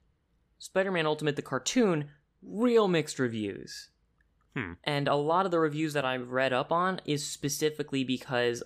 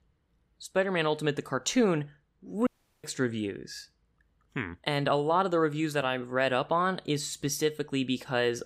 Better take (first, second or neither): first